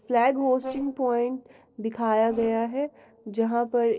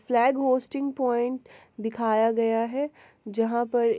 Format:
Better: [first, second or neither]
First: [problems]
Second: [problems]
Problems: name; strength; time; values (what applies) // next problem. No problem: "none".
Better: second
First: noise reduction (neural separator model SepFormer DNS4)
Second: none